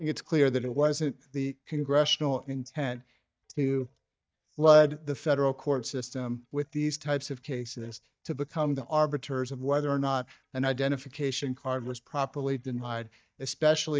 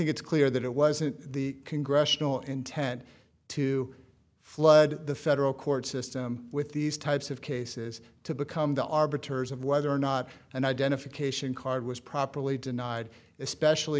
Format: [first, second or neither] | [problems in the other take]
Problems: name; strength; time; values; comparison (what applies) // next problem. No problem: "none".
second | noise reduction (neural mask model DeepFilterNet 3)